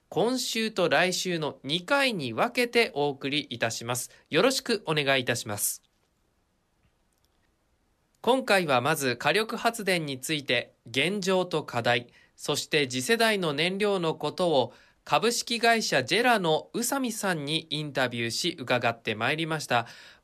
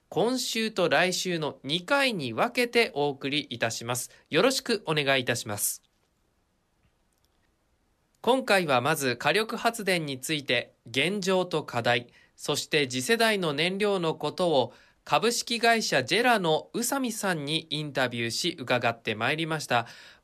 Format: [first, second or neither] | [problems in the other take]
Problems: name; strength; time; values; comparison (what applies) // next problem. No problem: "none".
neither | none